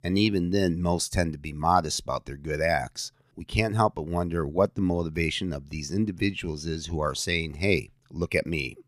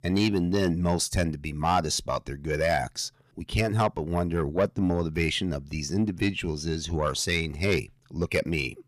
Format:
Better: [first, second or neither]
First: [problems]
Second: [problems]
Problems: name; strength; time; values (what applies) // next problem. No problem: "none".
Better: first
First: none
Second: distortion; slight; 10 dB below the speech